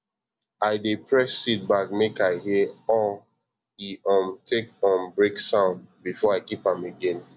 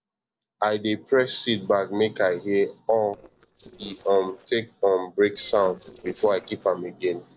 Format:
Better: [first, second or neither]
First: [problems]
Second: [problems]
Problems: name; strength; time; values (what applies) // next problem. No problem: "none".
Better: first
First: none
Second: noise reduction (neural separator model SepFormer DNS4)